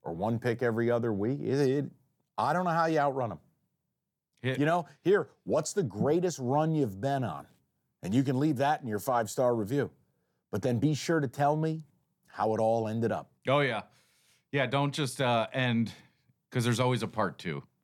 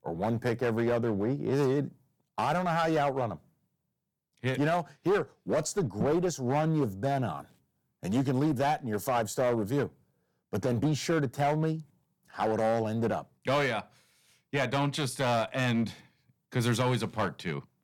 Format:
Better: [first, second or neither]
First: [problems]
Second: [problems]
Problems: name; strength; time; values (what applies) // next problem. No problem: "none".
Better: first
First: none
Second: distortion; slight; 9% of the sound clipped